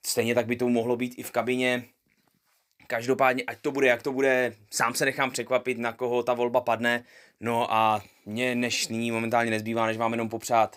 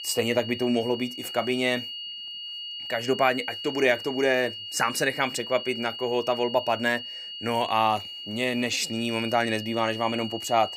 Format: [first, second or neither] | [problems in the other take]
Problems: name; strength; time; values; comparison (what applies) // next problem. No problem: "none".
first | high-pitched whine; loud; throughout; 3 kHz, 8 dB below the speech